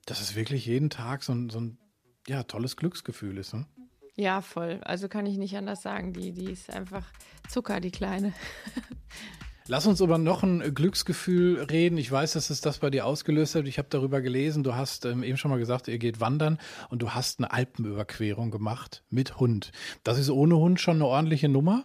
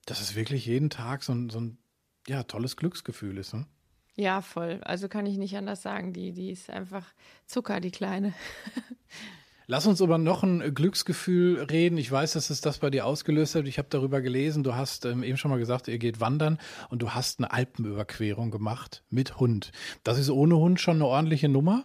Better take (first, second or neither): second